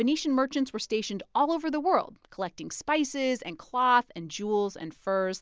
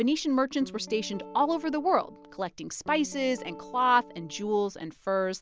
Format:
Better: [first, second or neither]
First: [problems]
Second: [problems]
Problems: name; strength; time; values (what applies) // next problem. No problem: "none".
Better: first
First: none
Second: background sound (Guitar); 18 dB below the speech